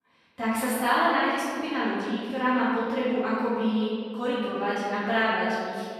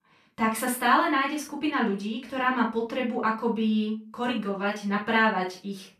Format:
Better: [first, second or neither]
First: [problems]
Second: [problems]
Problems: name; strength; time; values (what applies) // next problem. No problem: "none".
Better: second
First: room echo; strong; dies away in 2 s // off-mic speech; far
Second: room echo; slight; dies away in 0.3 s // off-mic speech; far